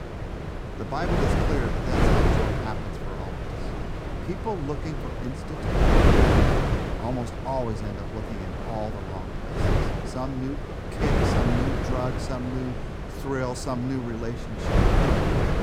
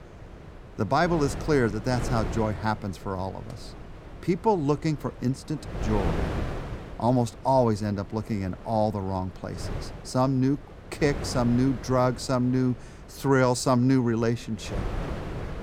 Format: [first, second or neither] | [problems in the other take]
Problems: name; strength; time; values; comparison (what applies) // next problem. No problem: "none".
second | wind noise on the microphone; heavy; 4 dB above the speech; occasional gusts in the second